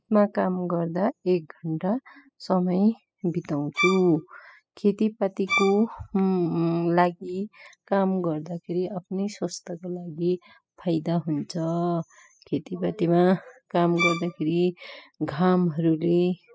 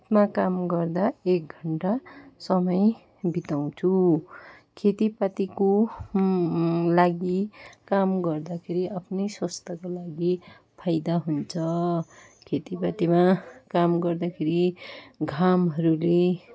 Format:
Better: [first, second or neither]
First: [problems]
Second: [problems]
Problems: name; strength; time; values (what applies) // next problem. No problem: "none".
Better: second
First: noise reduction (classical method spectral subtraction)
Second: none